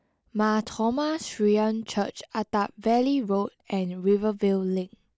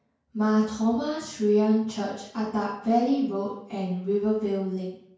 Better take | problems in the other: first | room echo; dies away in 0.5 s

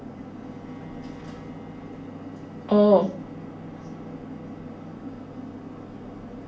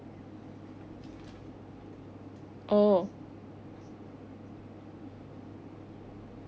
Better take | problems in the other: second | background sound (Bowed string instrument); 19 dB below the speech // room echo; dies away in 0.3 s

